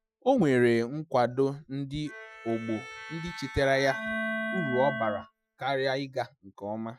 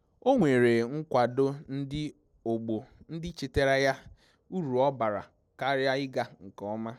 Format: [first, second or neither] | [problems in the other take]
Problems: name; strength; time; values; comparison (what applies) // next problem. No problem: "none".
second | noise reduction (classical method Wiener filter)